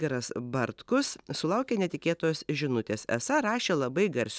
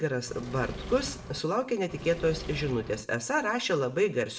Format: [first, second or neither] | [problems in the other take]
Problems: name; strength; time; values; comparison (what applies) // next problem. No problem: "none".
first | background sound (Engine / Mechanisms); 10 dB below the speech // room echo; dies away in 0.4 s